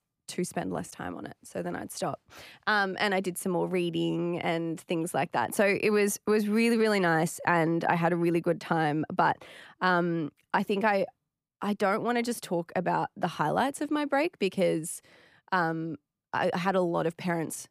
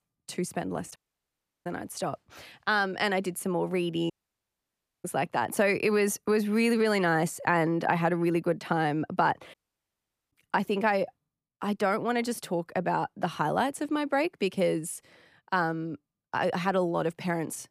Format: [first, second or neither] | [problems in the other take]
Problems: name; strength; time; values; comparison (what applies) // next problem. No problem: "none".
first | audio cutting out; at 1 s for 0.5 s, at 4 s for 1 s and at 9.5 s for 1 s